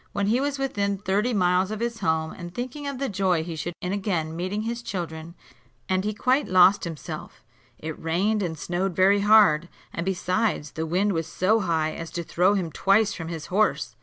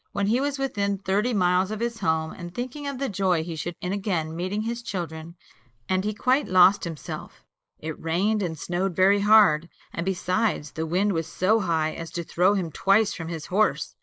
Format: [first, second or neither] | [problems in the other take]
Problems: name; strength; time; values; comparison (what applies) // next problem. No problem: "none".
first | noise reduction (neural mask model Resemble Enhance denoiser)